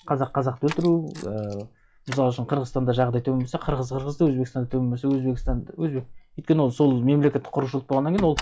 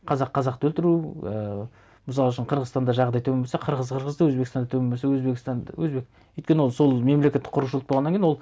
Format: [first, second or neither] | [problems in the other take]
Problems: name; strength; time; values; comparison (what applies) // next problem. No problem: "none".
second | noise reduction (classical method log-MMSE)